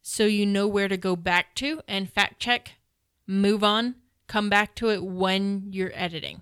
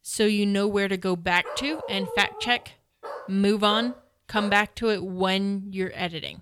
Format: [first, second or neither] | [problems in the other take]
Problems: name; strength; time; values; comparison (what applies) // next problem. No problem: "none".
first | dog barking; noticeable; from 1.5 to 4.5 s; peak 9 dB below the speech